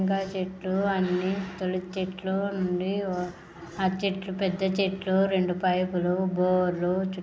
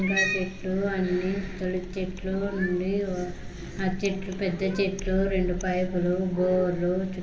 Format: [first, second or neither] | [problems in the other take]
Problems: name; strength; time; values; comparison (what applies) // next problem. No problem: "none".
first | background sound (Cat); 7 dB below the speech // room echo; dies away in 2.3 s